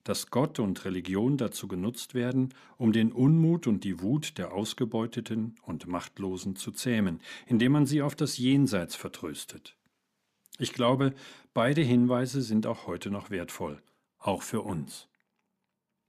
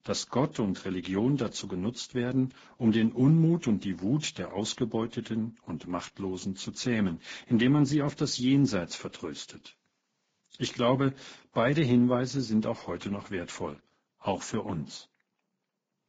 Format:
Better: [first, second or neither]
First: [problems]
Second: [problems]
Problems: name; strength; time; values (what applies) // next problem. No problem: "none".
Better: first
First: none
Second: garbled, watery; badly; nothing above 7.5 kHz